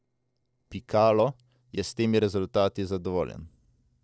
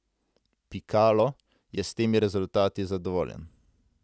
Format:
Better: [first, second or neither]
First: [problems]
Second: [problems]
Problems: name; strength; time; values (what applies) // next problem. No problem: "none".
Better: second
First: noise reduction (neural separator model SepFormer DNS4)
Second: none